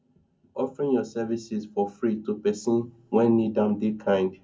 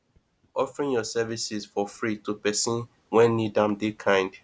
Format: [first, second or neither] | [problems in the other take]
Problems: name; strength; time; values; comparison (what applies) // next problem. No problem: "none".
second | room echo; dies away in 0.3 s